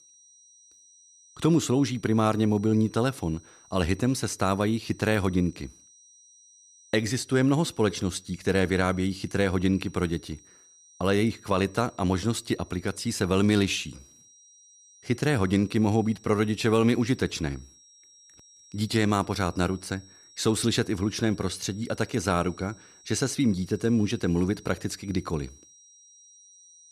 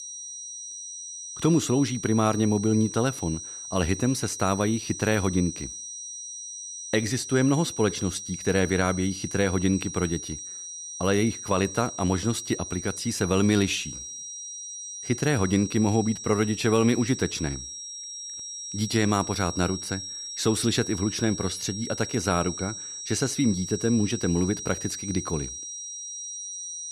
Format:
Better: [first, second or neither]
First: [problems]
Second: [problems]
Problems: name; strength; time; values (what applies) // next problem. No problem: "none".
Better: first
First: high-pitched whine; faint; throughout; 5.5 kHz, 25 dB below the speech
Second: high-pitched whine; loud; throughout; 5.5 kHz, 9 dB below the speech